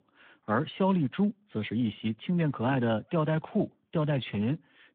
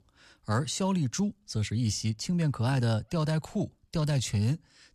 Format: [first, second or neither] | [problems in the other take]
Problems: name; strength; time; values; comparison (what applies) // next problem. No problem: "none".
second | phone-call audio